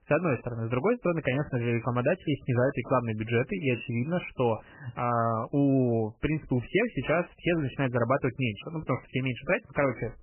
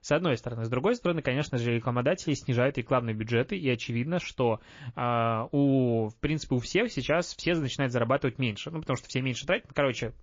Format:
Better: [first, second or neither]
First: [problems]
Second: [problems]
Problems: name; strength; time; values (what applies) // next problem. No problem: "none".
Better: second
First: garbled, watery; badly; nothing above 3 kHz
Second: garbled, watery; slightly